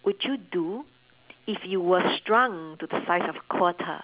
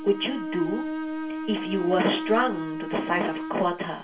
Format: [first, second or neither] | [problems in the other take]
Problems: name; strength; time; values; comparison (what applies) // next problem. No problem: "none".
first | background sound (Bowed string instrument); 5 dB below the speech // room echo; dies away in 0.2 s